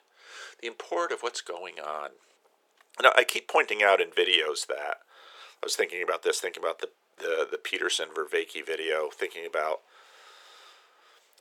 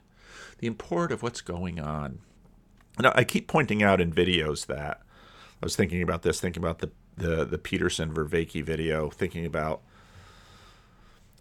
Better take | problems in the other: second | thin; very; fading below 400 Hz

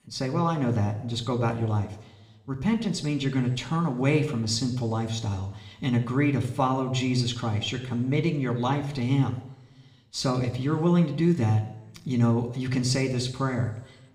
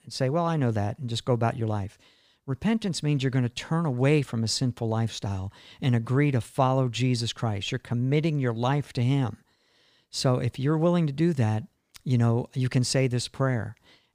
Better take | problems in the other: second | room echo; slight; dies away in 1 s

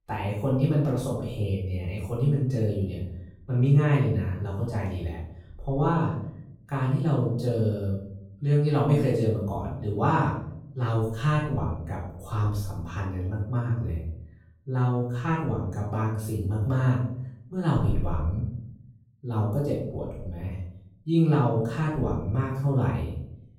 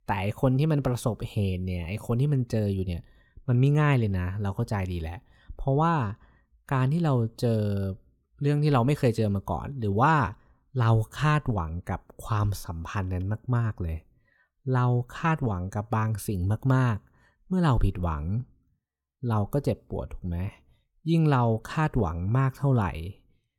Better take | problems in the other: second | off-mic speech; far // room echo; noticeable; dies away in 0.6 s

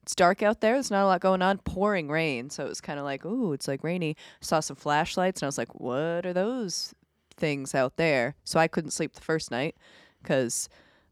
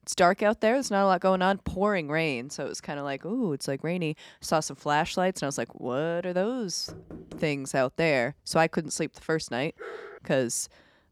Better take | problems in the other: first | door banging; faint; at 7 s; peak 15 dB below the speech // dog barking; faint; at 10 s; peak 15 dB below the speech

